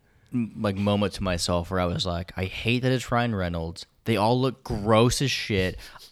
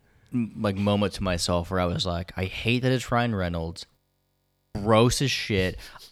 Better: first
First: none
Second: audio freezing; at 4 s for 1 s

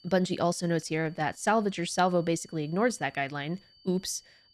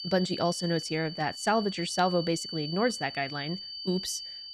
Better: first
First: high-pitched whine; faint; throughout; 4.5 kHz, 30 dB below the speech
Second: high-pitched whine; loud; throughout; 4.5 kHz, 7 dB below the speech

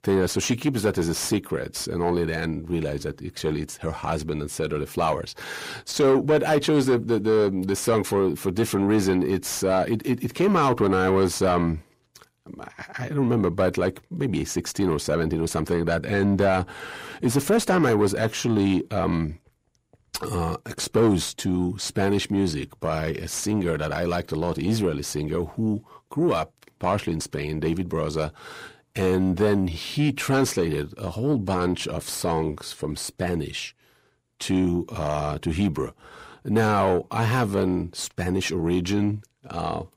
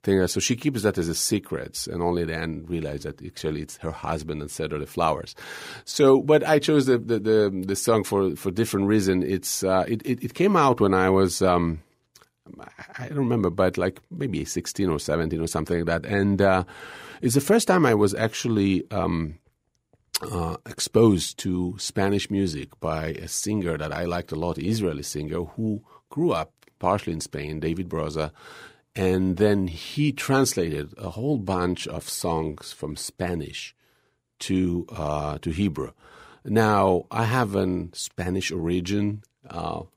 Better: second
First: distortion; slight; 10 dB below the speech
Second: none

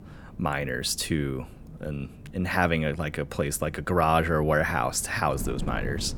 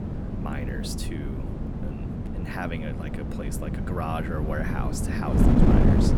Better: first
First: wind noise on the microphone; occasional gusts; 25 dB below the speech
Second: wind noise on the microphone; heavy; 1 dB above the speech

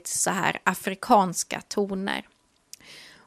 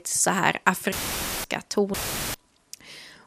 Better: first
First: none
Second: audio cutting out; filled with static; at 1 s for 0.5 s and at 2 s

